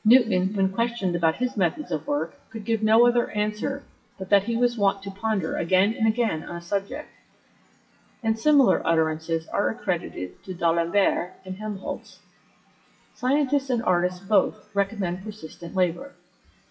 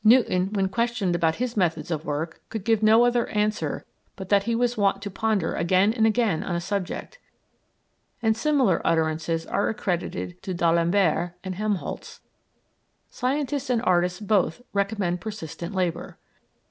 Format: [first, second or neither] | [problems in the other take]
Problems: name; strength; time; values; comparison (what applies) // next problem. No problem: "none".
second | noise reduction (classical method WPE with log-MMSE)